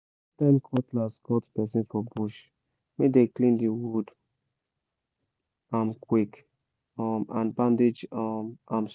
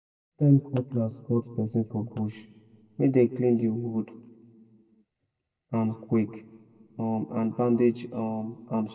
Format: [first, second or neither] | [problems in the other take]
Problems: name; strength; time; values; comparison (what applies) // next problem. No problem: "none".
first | room echo; dies away in 1.2 s